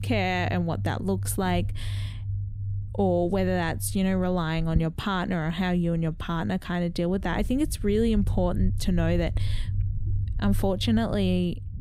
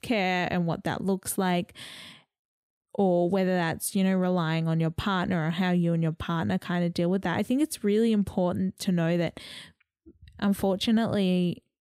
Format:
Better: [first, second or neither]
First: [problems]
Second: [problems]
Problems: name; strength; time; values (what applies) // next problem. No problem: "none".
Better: second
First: low rumble; noticeable; throughout; 20 dB below the speech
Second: none